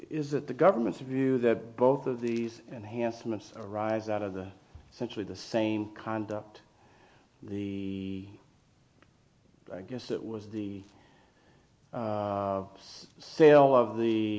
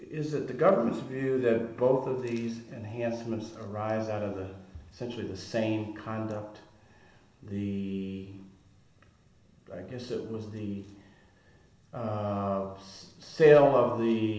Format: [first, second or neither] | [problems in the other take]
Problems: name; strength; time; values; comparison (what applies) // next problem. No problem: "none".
first | room echo; dies away in 0.9 s